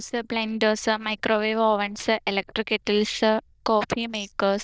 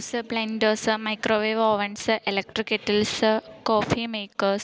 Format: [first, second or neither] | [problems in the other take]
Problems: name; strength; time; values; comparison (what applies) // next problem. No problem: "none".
second | noise reduction (neural diffusion model UNIVERSE++)